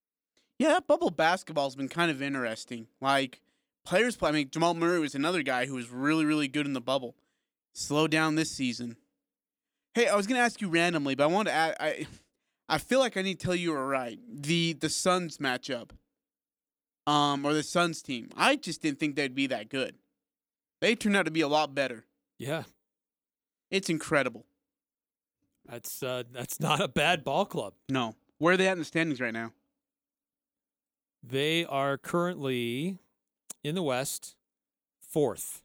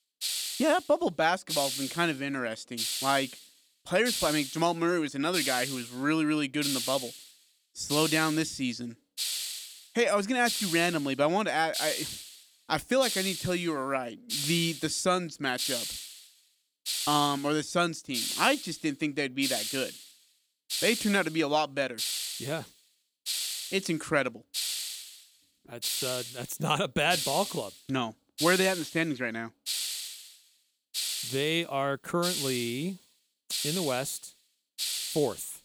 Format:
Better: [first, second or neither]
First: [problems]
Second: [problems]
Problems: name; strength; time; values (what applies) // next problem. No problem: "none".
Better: first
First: none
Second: hiss; loud; throughout; 4 dB below the speech